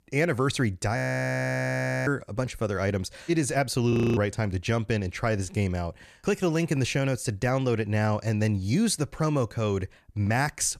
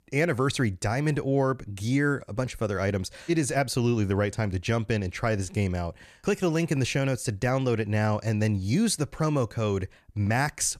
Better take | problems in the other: second | audio freezing; at 1 s for 1 s and at 4 s

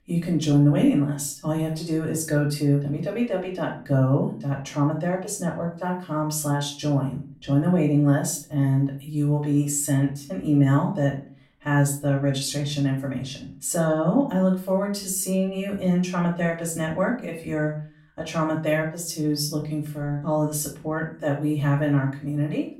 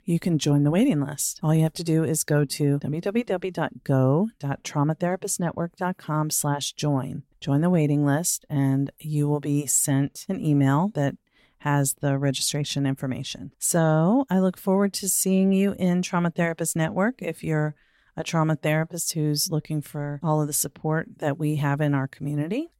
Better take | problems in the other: second | off-mic speech; far // room echo; slight; dies away in 0.3 s

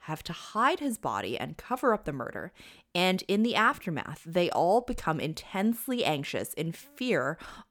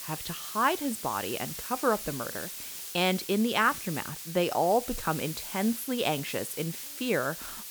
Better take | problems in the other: first | hiss; loud; throughout; 7 dB below the speech

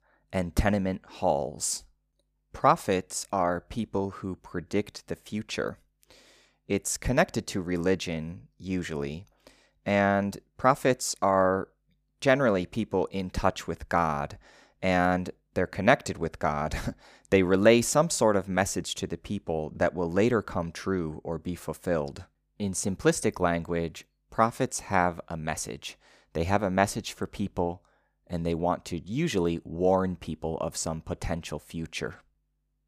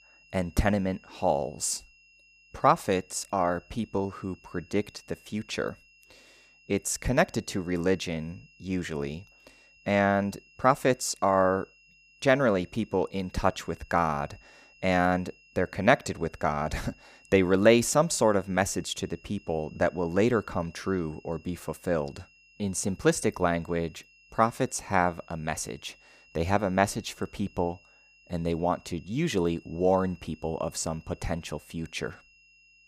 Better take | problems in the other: first | high-pitched whine; faint; throughout; 2.5 kHz, 30 dB below the speech

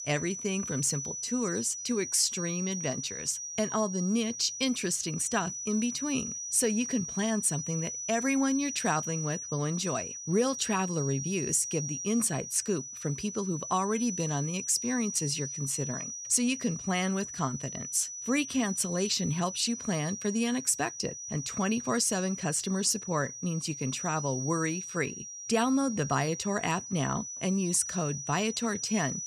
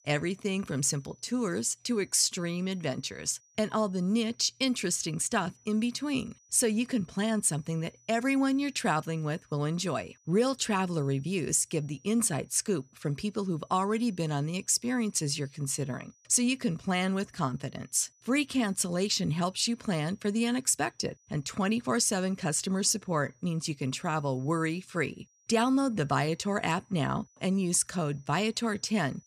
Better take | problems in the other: second | high-pitched whine; loud; throughout; 6 kHz, 6 dB below the speech; faint in the second

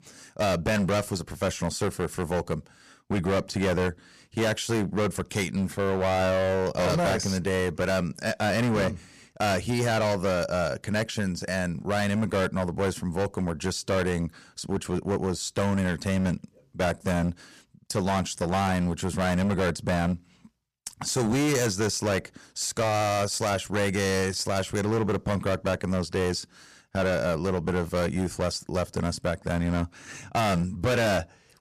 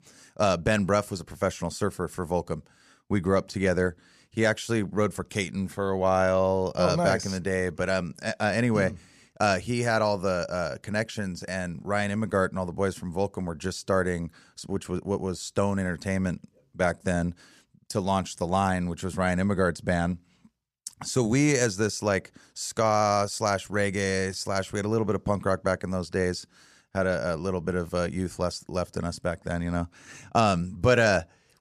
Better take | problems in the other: second | distortion; heavy; 18% of the sound clipped

